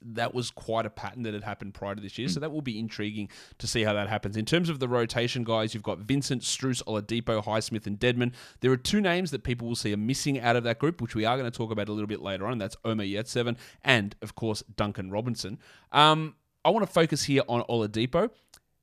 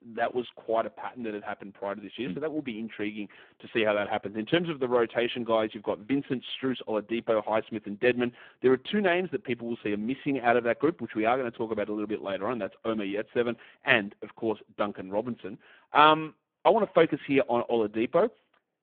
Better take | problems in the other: first | phone-call audio; poor line

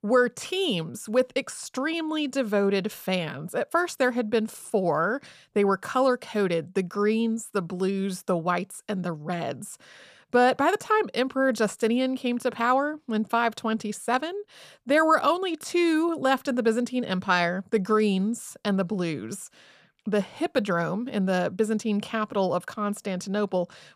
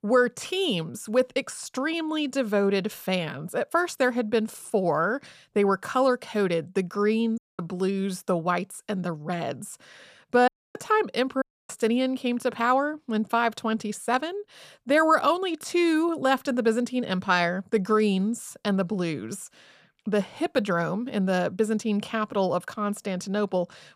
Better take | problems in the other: first | audio cutting out; at 7.5 s, at 10 s and at 11 s

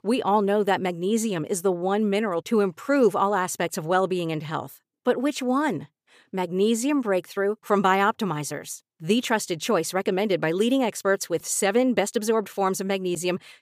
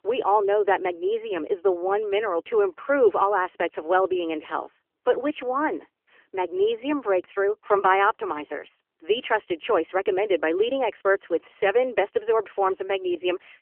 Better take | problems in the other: first | phone-call audio; nothing above 3 kHz

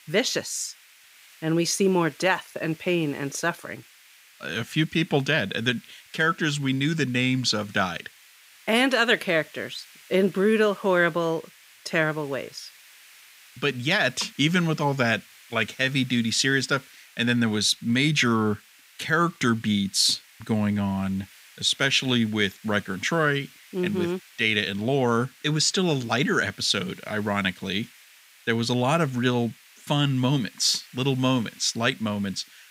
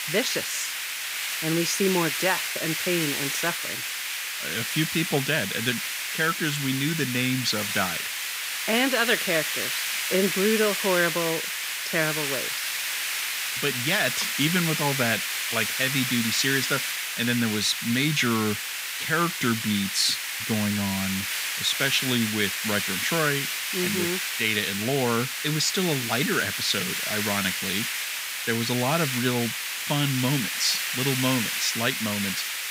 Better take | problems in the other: first | hiss; loud; throughout; 1 dB below the speech; faint in the first

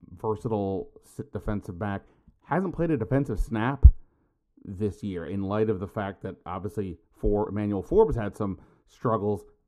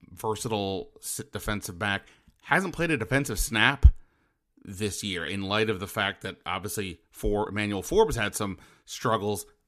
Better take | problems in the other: second | muffled; very; fading above 1.5 kHz

